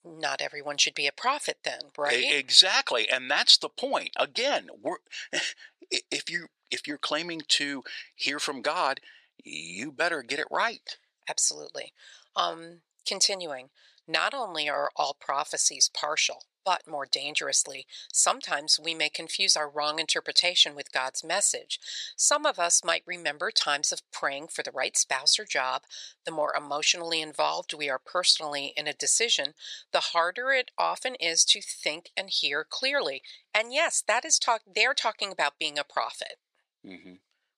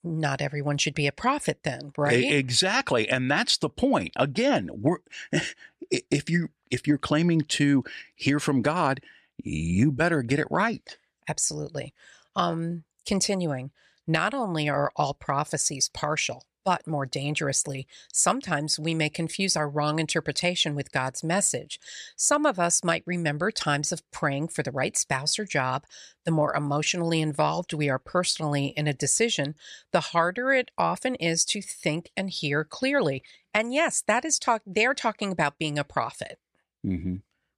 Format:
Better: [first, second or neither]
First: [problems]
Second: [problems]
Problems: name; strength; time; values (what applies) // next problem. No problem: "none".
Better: second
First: thin; very; fading below 600 Hz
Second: none